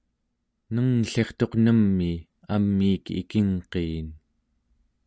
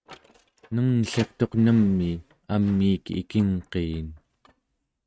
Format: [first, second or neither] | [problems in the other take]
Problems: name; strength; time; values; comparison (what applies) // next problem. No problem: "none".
first | noise reduction (neural mask model RNNoise)